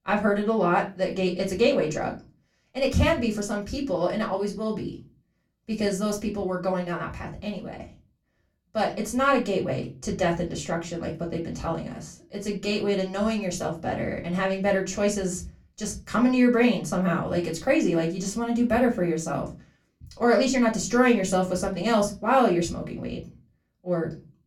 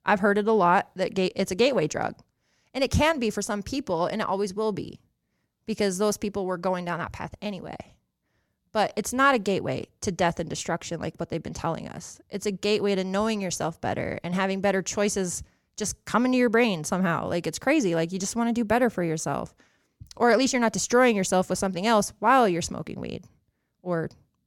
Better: second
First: off-mic speech; far // room echo; very slight; dies away in 0.3 s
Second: none

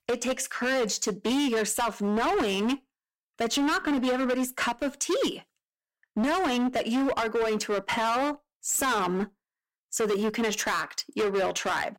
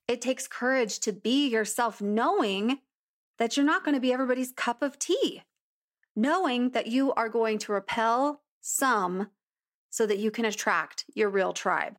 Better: second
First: distortion; heavy; 21% of the sound clipped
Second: none

